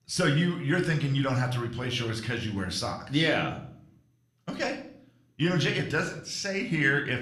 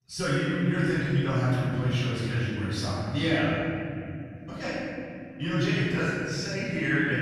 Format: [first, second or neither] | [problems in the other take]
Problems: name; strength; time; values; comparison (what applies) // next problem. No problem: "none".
first | room echo; strong; dies away in 3 s; slight in the first // off-mic speech; far